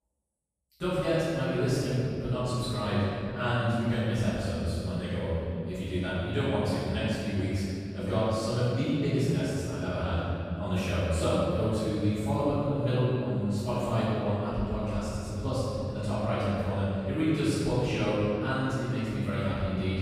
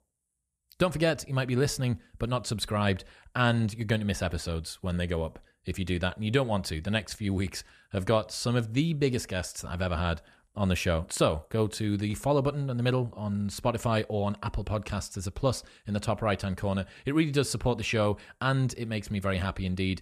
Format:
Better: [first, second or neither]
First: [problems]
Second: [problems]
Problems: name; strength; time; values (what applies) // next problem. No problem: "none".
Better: second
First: room echo; strong; dies away in 3 s // off-mic speech; far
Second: none